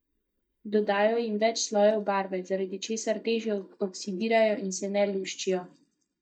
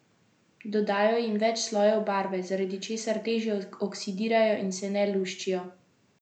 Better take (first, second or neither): second